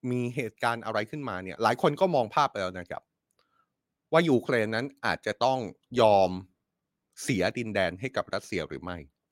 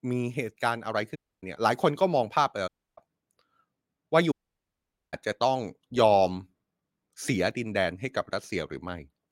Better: first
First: none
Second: audio cutting out; at 1 s, at 2.5 s and at 4.5 s for 1 s

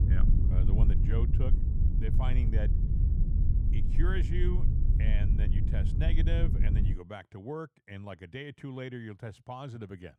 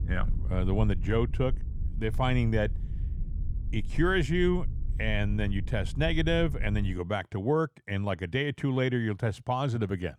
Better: second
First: low rumble; loud; until 7 s; 2 dB below the speech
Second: low rumble; faint; until 7 s; 20 dB below the speech

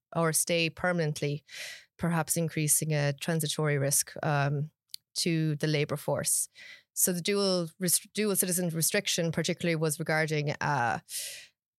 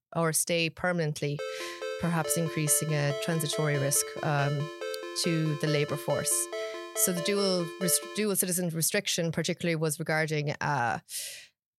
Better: first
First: none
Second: phone ringing; noticeable; from 1.5 to 8 s; peak 7 dB below the speech

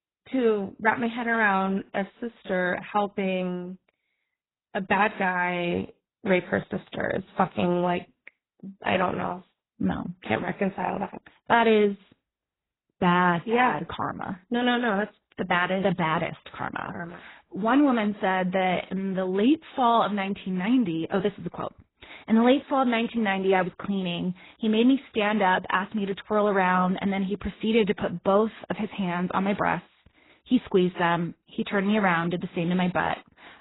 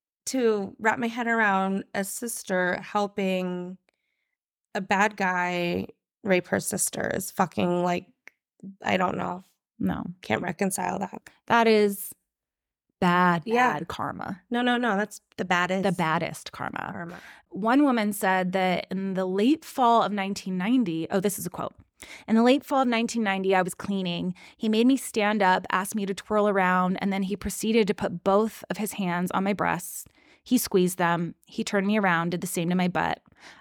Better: second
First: garbled, watery; badly; nothing above 4 kHz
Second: none

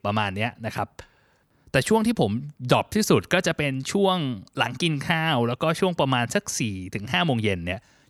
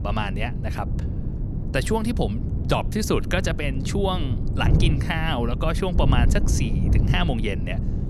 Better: first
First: none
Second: wind noise on the microphone; heavy; 9 dB below the speech

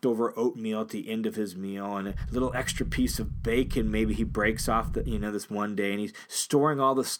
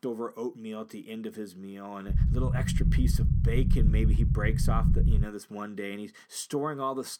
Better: first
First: low rumble; faint; from 2 to 5 s; 20 dB below the speech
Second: low rumble; loud; from 2 to 5 s; 4 dB below the speech

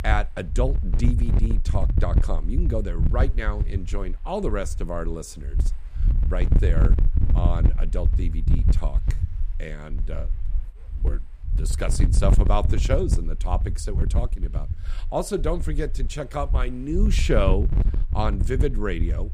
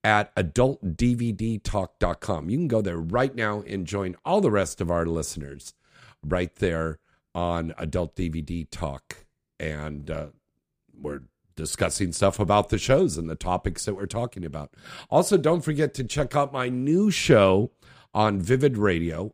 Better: second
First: wind noise on the microphone; heavy; 10 dB below the speech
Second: none

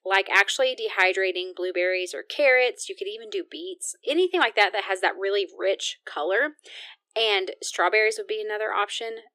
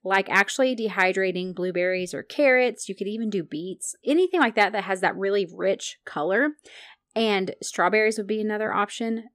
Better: second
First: thin; very; fading below 350 Hz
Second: none

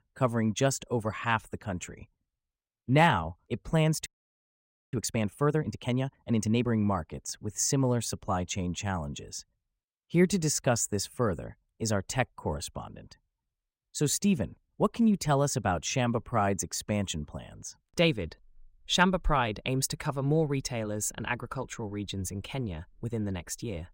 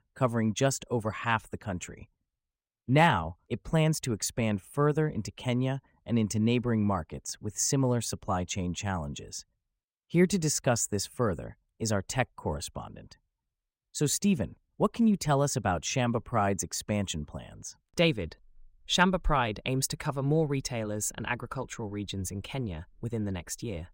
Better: second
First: audio freezing; at 4 s for 1 s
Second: none

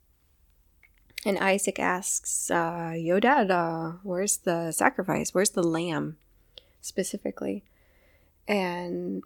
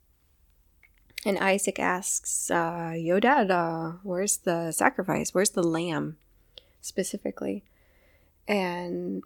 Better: neither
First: none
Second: none

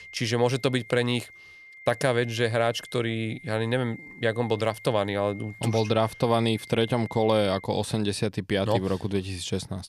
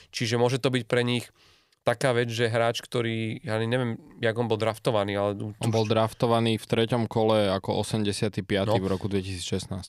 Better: second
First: high-pitched whine; noticeable; until 7.5 s; 2 kHz, 20 dB below the speech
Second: none

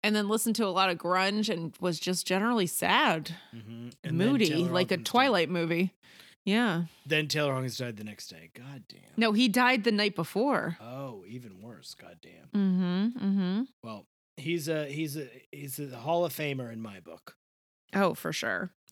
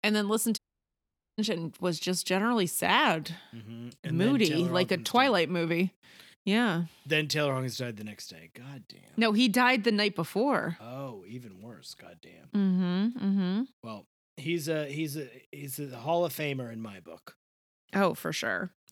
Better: first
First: none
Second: audio cutting out; at 0.5 s for 1 s

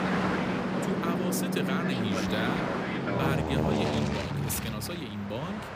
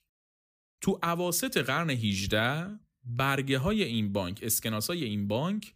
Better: second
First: train or aircraft noise; very loud; throughout; 4 dB above the speech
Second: none

